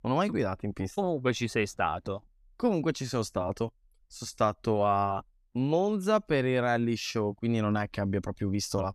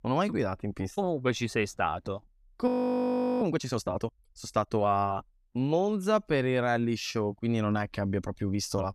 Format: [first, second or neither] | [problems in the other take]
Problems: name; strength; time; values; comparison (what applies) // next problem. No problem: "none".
first | audio freezing; at 2.5 s for 0.5 s